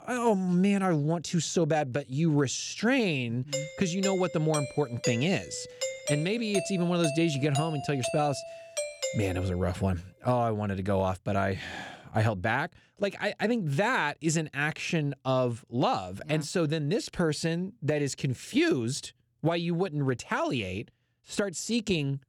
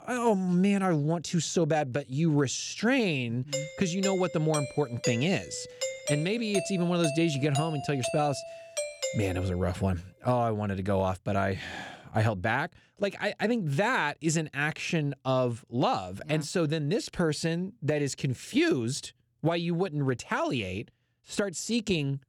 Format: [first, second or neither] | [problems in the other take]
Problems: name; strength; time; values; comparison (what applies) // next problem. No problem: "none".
neither | doorbell; noticeable; from 3.5 to 9.5 s; peak 3 dB below the speech; the same in both